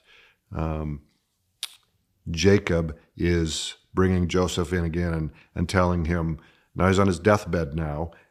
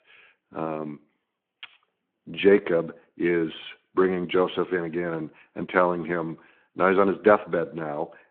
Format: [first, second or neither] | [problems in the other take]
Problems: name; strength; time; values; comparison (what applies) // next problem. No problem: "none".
first | phone-call audio